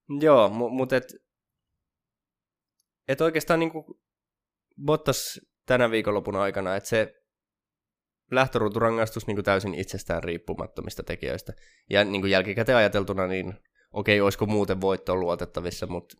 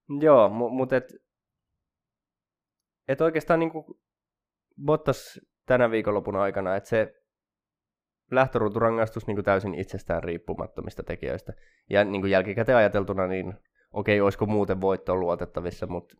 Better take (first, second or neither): first